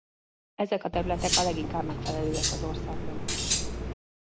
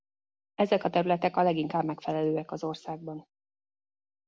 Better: second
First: background sound (Cutlery, silverware); 3 dB above the speech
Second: none

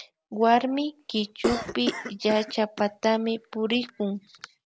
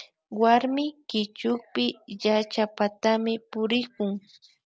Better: second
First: background sound (Cough); 11 dB below the speech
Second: none

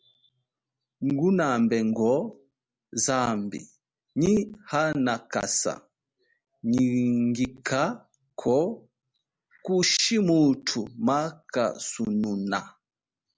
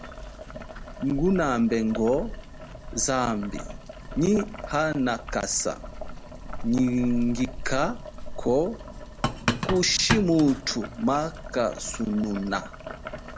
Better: first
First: none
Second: background sound (Boiling); 8 dB below the speech

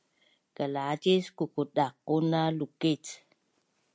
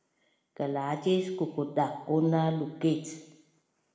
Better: first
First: none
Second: room echo; dies away in 0.9 s

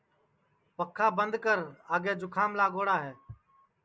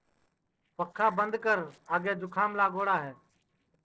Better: first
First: none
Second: noise reduction (neural separator model SepFormer DNS4)

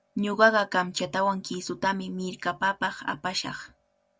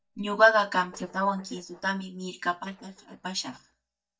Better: first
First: none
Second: noise reduction (neural mask model DeepFilterNet 3)

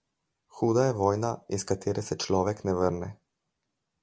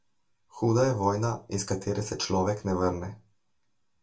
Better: first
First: none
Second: room echo; dies away in 0.2 s

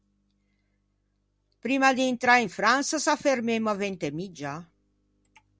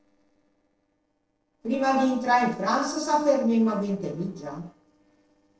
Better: first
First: none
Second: noise reduction (neural separator model SepFormer DNS4)

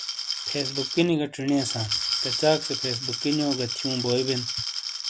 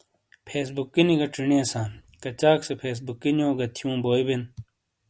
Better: second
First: background sound (Glass); 3 dB below the speech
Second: none

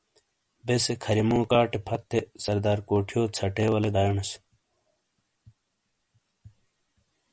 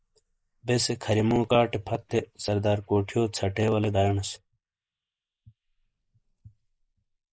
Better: first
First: none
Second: noise reduction (neural mask model Resemble Enhance denoiser)

